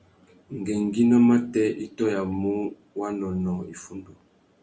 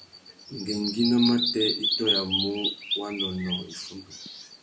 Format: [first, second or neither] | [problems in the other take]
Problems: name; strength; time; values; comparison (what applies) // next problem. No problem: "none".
first | background sound (Bird vocalization, bird call, bird song); 2 dB below the speech